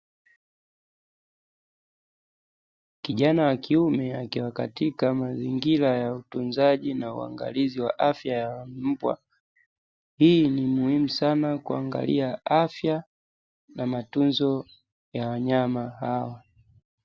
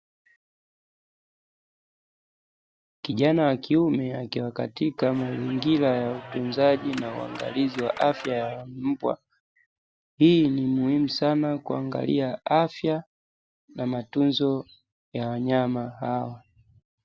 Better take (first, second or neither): first